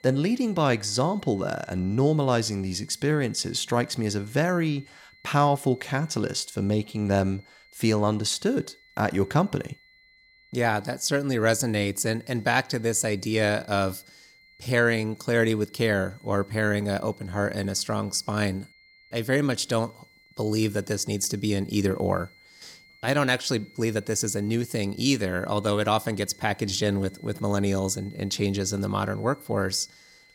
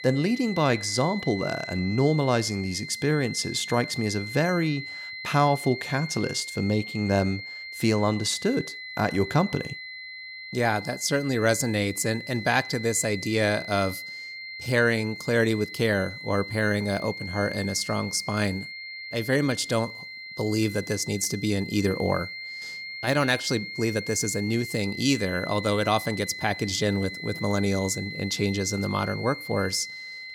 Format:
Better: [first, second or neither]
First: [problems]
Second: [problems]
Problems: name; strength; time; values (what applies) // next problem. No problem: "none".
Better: first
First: high-pitched whine; faint; throughout; 2 kHz, 30 dB below the speech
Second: high-pitched whine; loud; throughout; 2 kHz, 10 dB below the speech